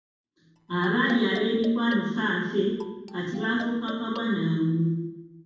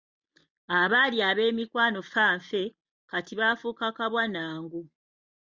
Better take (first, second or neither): second